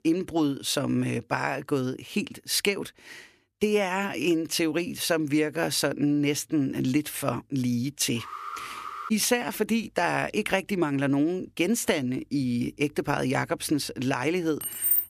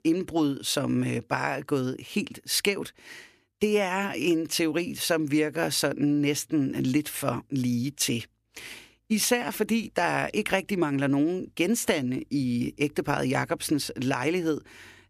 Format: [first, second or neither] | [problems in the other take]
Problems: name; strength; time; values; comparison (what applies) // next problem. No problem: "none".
second | alarm; noticeable; at 8 s; peak 10 dB below the speech // jangling keys; loud; at 15 s; peak 5 dB above the speech